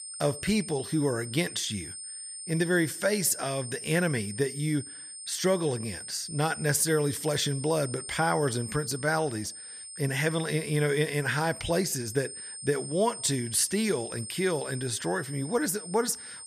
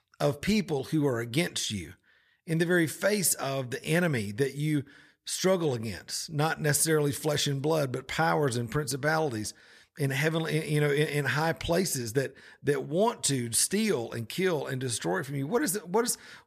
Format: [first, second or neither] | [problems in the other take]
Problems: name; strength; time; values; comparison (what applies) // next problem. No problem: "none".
second | high-pitched whine; loud; throughout; 8.5 kHz, 10 dB below the speech